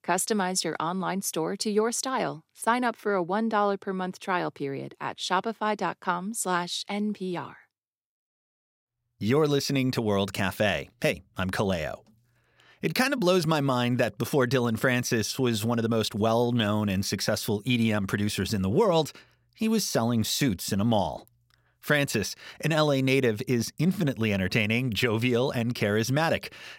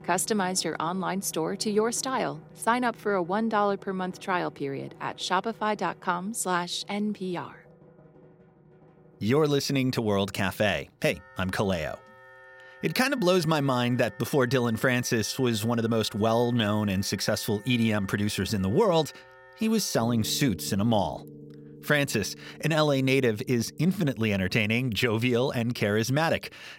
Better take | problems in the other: first | background music; faint; throughout; 20 dB below the speech

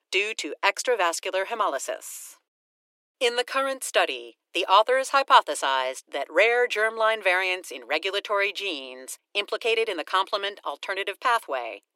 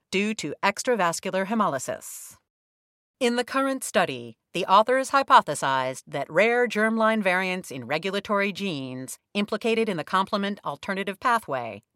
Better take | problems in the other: second | thin; very; fading below 300 Hz

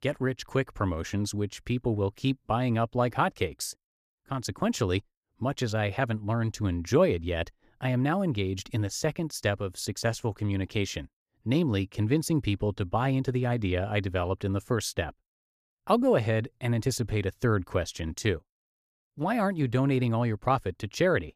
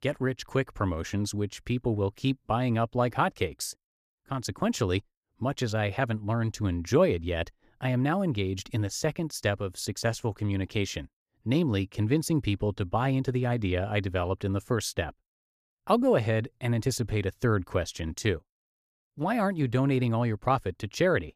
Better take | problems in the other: neither | none

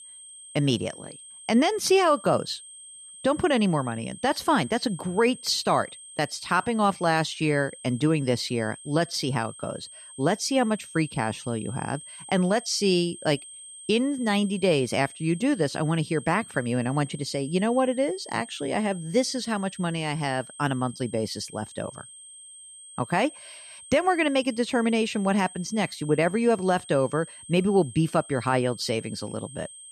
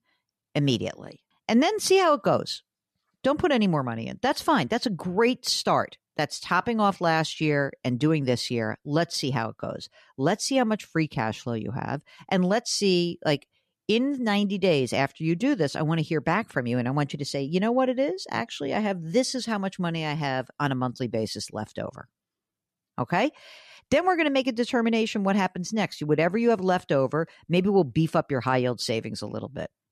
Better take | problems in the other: second | high-pitched whine; noticeable; throughout; 8.5 kHz, 15 dB below the speech

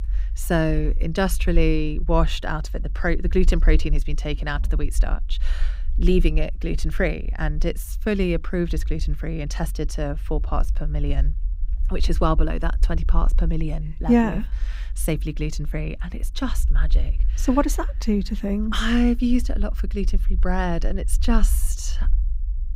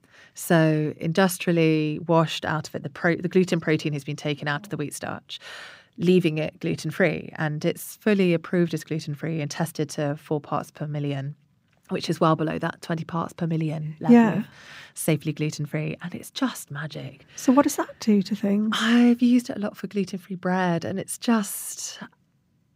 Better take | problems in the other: second | low rumble; faint; throughout; 25 dB below the speech

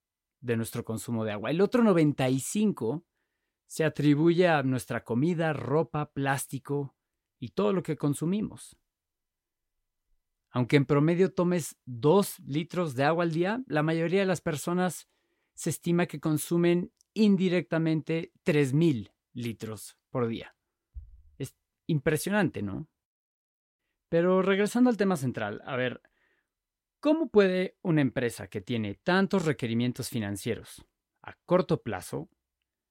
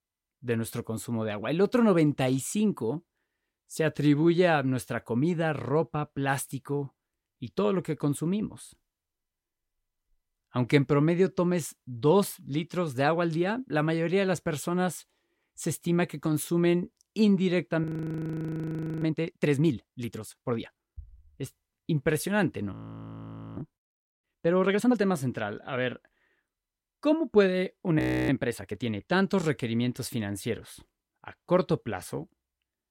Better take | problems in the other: first | audio freezing; at 18 s for 1 s, at 23 s for 1 s and at 28 s

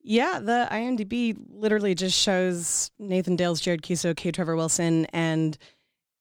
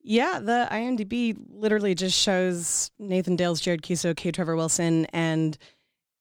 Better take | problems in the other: neither | none

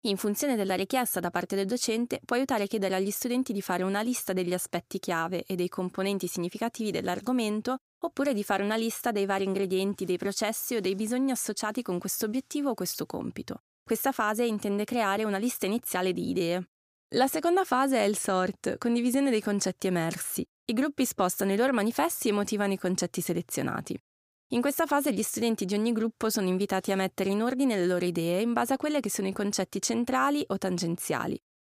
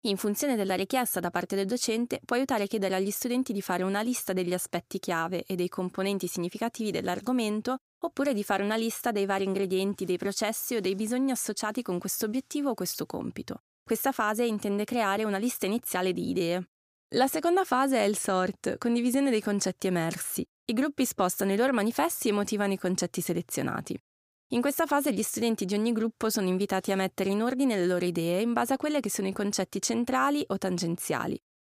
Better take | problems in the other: neither | none

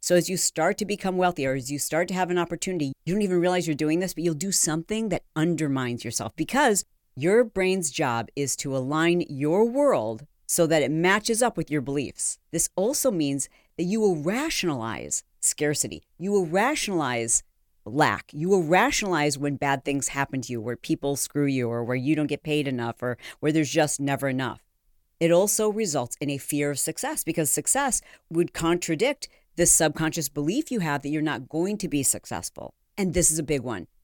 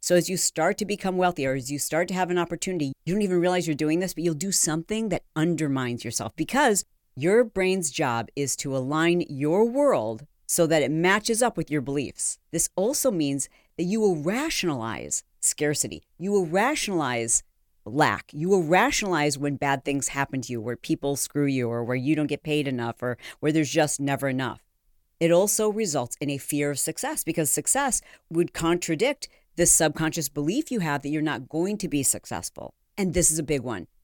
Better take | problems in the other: neither | none

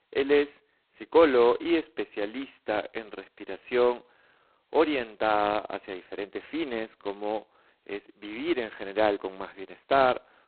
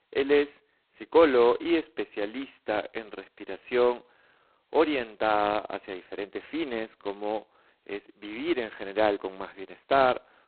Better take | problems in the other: neither | phone-call audio; poor line; nothing above 4 kHz; the same in both

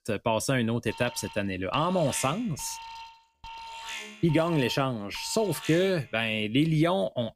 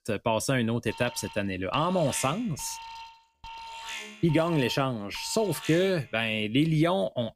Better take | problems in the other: neither | alarm; noticeable; from 1 to 6 s; peak 9 dB below the speech; the same in both

